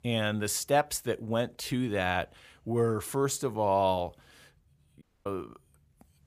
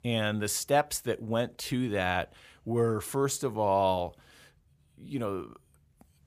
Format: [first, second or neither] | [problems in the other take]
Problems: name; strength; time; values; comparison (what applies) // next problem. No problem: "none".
second | audio cutting out; at 5 s